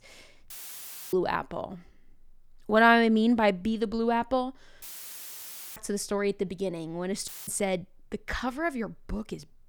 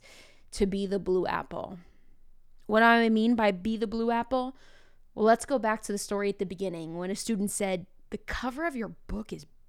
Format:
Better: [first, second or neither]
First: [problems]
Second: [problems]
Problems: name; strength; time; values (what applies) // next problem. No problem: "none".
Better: second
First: audio cutting out; filled with static; at 0.5 s for 0.5 s, at 5 s for 1 s and at 7.5 s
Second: none